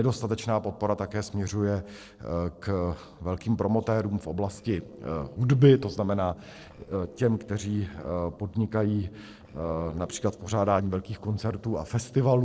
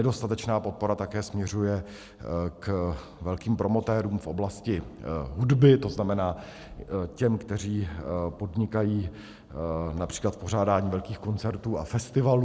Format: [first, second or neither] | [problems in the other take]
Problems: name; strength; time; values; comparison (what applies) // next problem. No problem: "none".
second | noise reduction (neural separator model SepFormer DNS4)